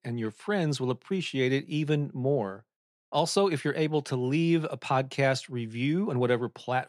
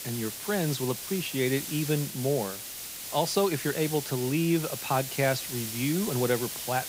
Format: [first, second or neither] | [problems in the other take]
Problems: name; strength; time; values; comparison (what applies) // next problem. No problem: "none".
first | hiss; loud; throughout; 6 dB below the speech